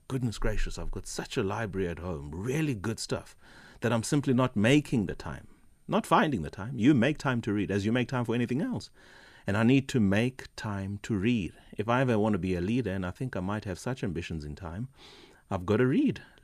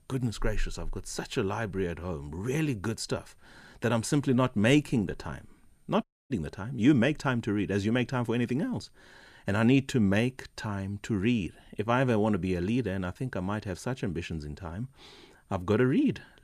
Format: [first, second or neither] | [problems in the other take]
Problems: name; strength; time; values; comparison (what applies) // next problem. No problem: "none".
first | audio cutting out; at 6 s